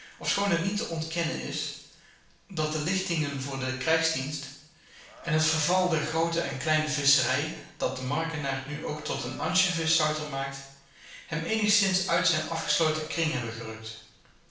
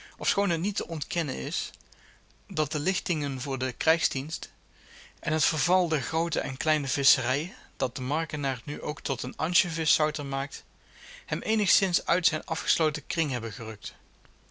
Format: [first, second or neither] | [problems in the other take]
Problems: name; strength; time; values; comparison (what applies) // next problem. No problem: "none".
second | background sound (Livestock, farm animals, working animals); 18 dB below the speech // room echo; dies away in 0.7 s